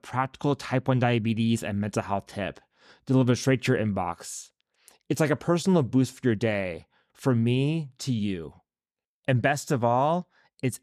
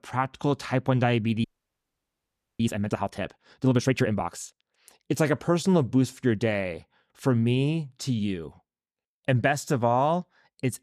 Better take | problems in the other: first | audio freezing; at 1.5 s for 1 s

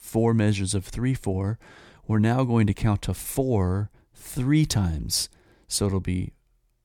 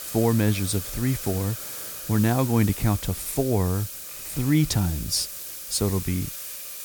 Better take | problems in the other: first | hiss; loud; throughout; 8 dB below the speech

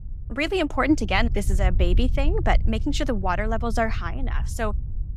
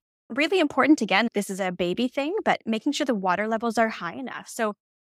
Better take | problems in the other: second | wind noise on the microphone; occasional gusts; 20 dB below the speech

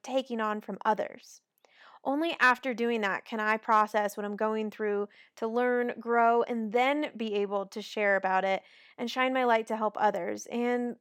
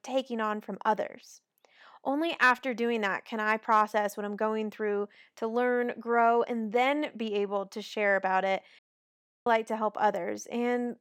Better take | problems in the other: first | audio cutting out; at 9 s for 0.5 s

